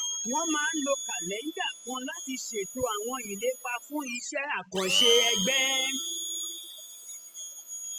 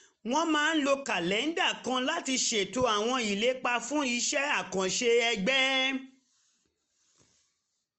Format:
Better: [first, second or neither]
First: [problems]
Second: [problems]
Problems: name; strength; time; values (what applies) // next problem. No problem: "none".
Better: second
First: noise reduction (classical method spectral subtraction)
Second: none